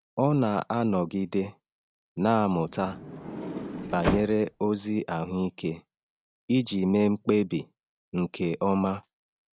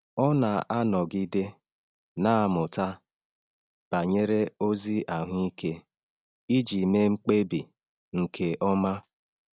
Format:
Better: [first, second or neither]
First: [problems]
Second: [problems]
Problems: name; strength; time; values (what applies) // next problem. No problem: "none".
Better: second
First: background sound (Sliding door); 6 dB below the speech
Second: none